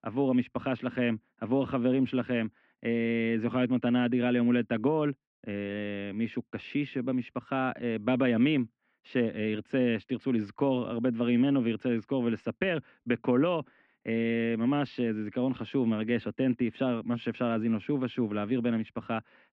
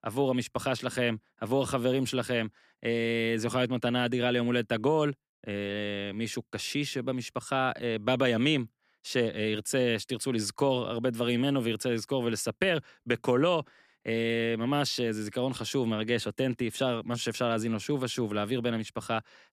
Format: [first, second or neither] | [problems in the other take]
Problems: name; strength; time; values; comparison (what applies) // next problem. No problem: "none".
second | muffled; very; fading above 2.5 kHz